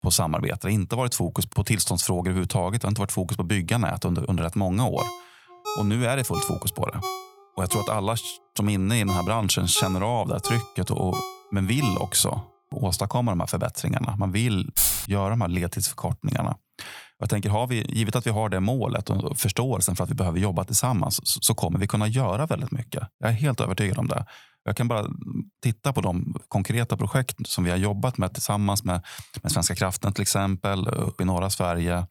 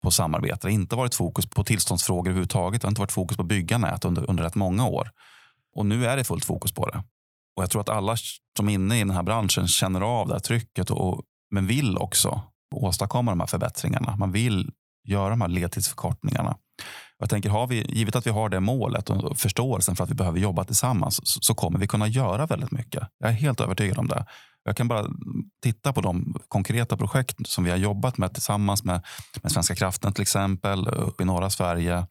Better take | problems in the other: second | phone ringing; noticeable; from 5 to 12 s; peak 8 dB below the speech // jangling keys; loud; at 15 s; peak 5 dB above the speech

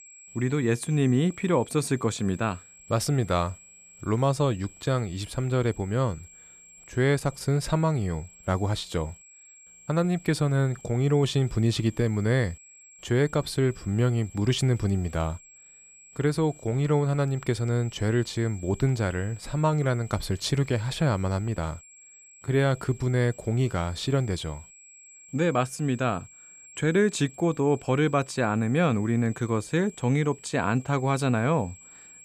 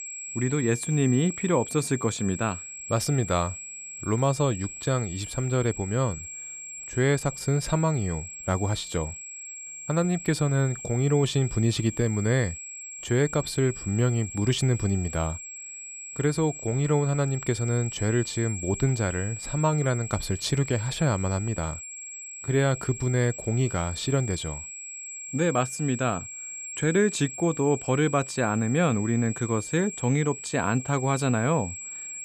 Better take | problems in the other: first | high-pitched whine; loud; throughout; 7.5 kHz, 10 dB below the speech; faint in the first

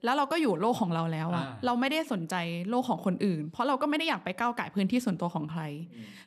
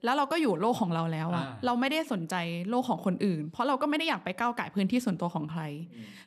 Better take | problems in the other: neither | none

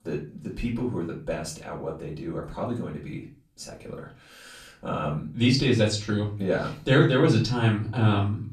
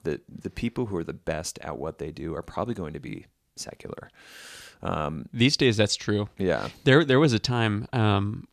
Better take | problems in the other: second | off-mic speech; far // room echo; slight; dies away in 0.3 s

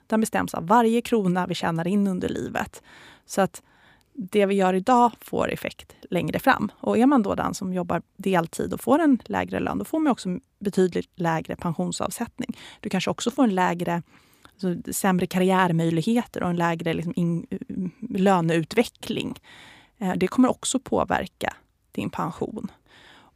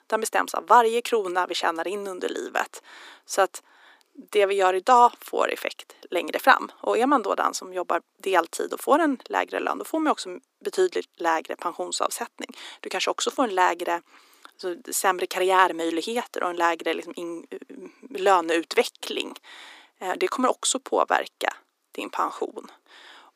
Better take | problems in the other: first | thin; somewhat; fading below 300 Hz

